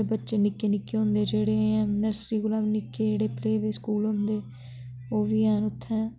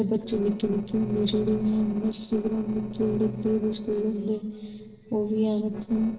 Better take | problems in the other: first | noise reduction (neural separator model SepFormer DNS4)

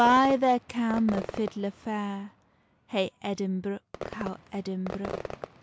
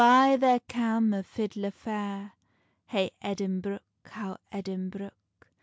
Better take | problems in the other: second | background sound (Fireworks); 13 dB below the speech

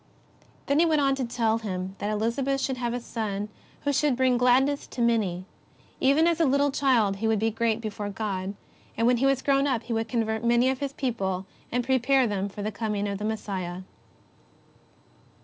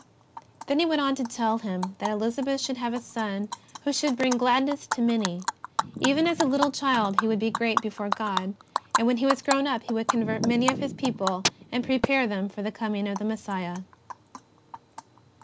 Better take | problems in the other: first | background sound (Animal); 6 dB below the speech

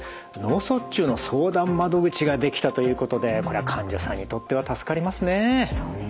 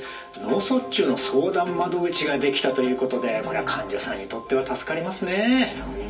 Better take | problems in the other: first | room echo; dies away in 0.3 s

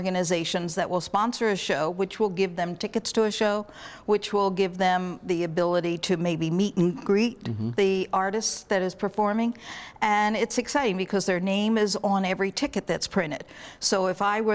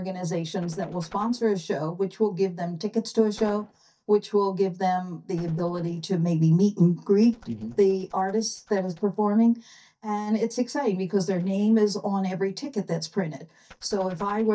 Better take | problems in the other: first | noise reduction (neural mask model DeepFilterNet 3)

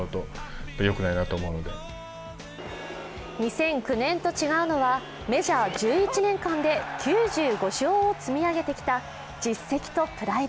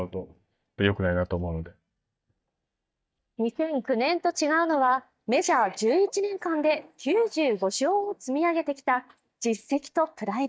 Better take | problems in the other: first | noise reduction (neural mask model DeepFilterNet 3)

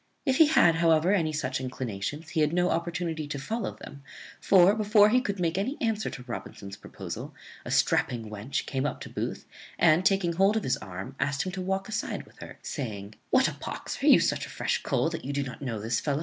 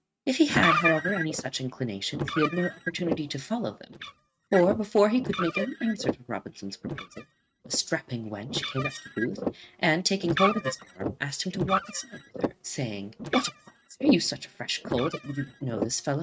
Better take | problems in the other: first | noise reduction (neural mask model RNNoise)

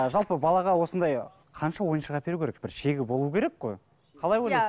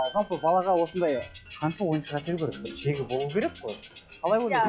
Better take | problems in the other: first | noise reduction (classical method log-MMSE)

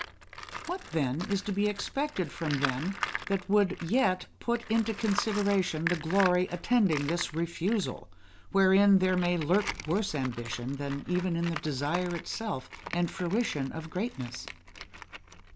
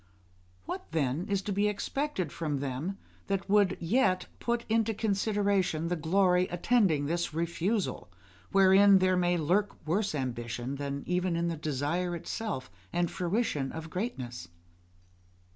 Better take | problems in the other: second | background sound (Tools); 11 dB below the speech

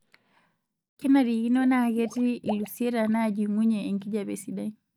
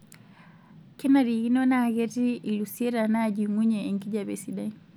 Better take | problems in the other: second | noise reduction (neural mask model DeepFilterNet 3)

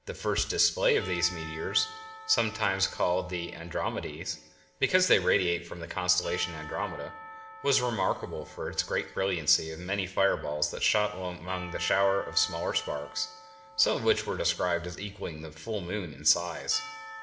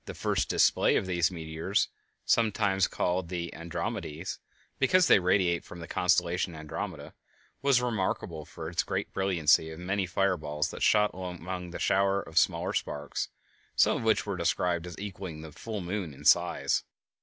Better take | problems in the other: second | background sound (Church bell / Percussion); 17 dB below the speech // room echo; dies away in 0.9 s

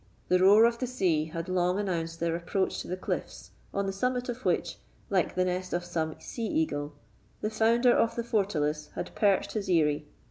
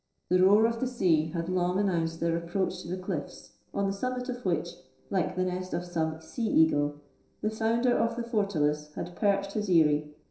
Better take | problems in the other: first | noise reduction (neural separator model SepFormer DNS4)

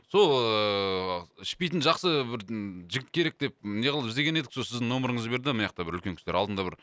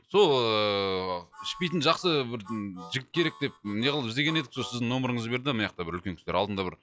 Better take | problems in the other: first | noise reduction (classical method log-MMSE)

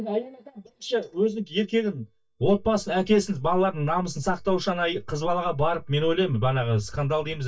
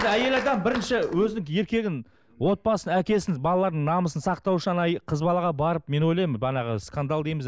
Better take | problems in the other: second | noise reduction (neural mask model DeepFilterNet 3)

